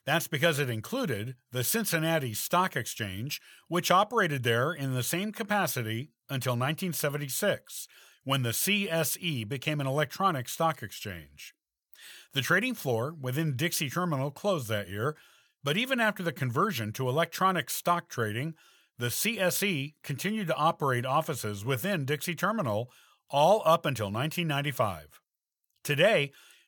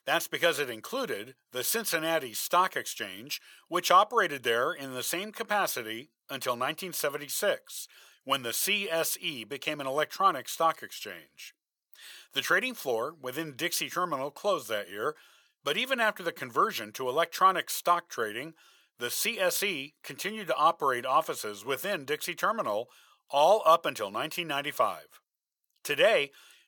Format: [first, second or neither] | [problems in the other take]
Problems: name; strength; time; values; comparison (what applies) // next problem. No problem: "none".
first | thin; somewhat; fading below 400 Hz